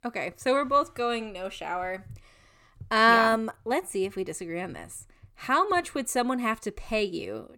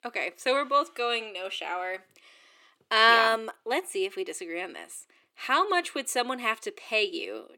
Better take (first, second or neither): first